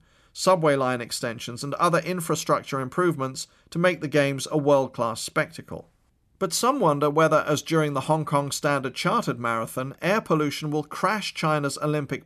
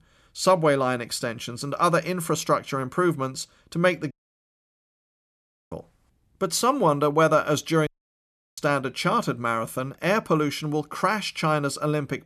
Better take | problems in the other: first | audio cutting out; at 4 s for 1.5 s and at 8 s for 0.5 s

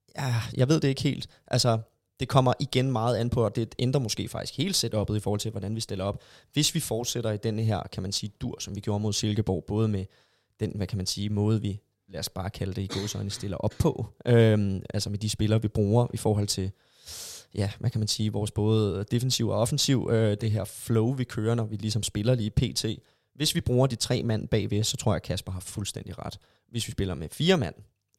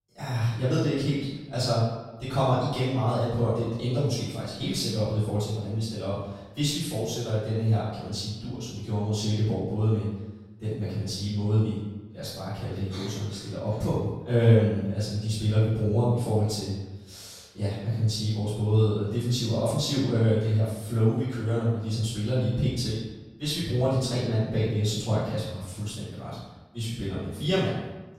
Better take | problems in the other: first | off-mic speech; far // room echo; strong; dies away in 1 s

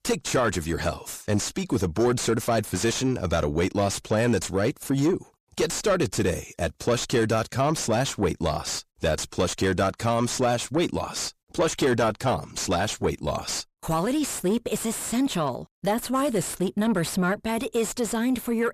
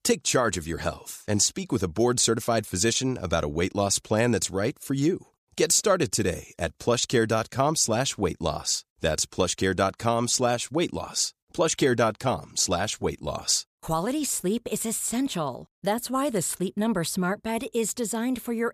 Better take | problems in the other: second | distortion; heavy; 7 dB below the speech

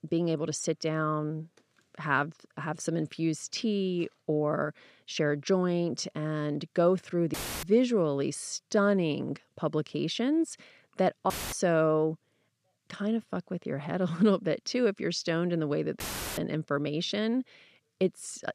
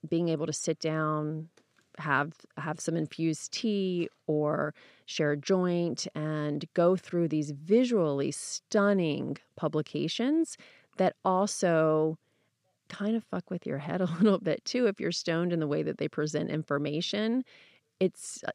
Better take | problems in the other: second | audio cutting out; filled with static; at 7.5 s, at 11 s and at 16 s

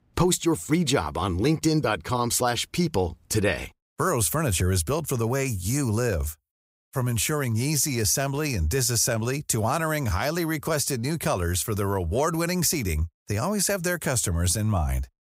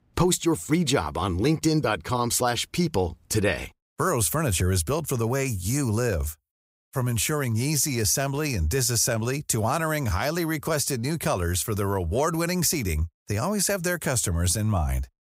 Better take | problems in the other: neither | none

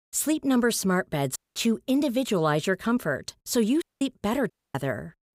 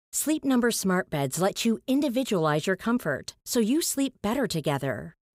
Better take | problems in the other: second | audio cutting out; at 1.5 s, at 4 s and at 4.5 s

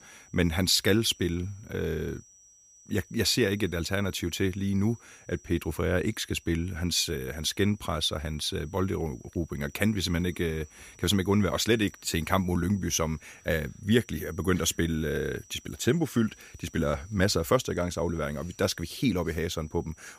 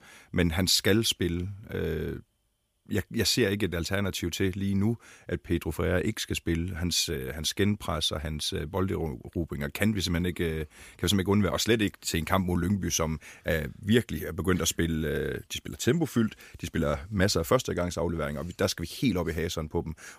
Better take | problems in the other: second | high-pitched whine; faint; throughout; 6 kHz, 25 dB below the speech

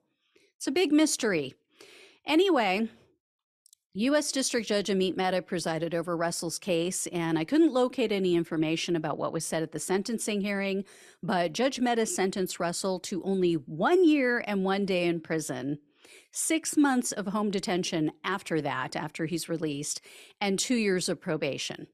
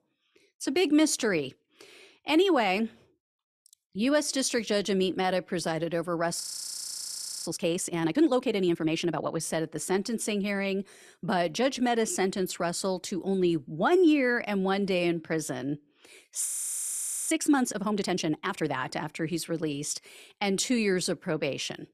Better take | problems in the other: first | audio freezing; at 6.5 s for 1 s and at 16 s for 1 s

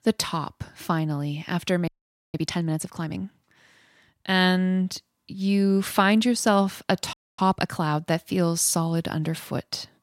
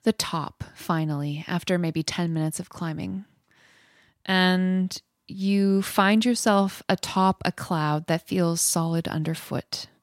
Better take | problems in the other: second | audio freezing; at 2 s and at 7 s

